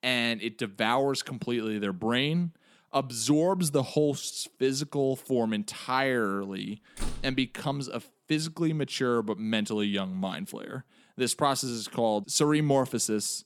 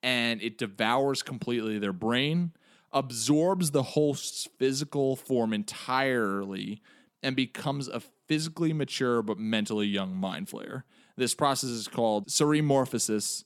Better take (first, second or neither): second